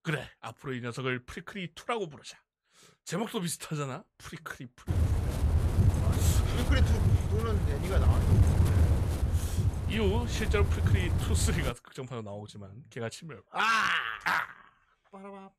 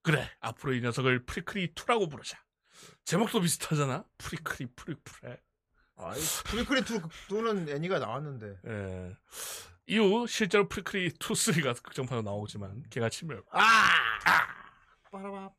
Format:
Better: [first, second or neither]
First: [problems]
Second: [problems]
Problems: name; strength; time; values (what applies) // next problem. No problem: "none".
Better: second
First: wind noise on the microphone; heavy; from 5 to 12 s; 6 dB below the speech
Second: none